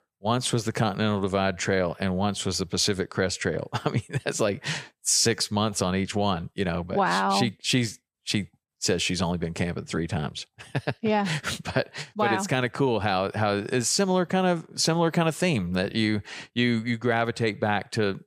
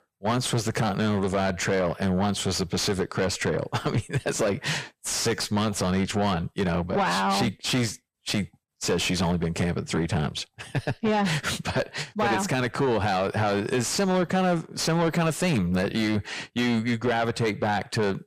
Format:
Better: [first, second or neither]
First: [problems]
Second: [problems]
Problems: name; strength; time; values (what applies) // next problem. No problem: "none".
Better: first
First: none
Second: distortion; heavy; 7 dB below the speech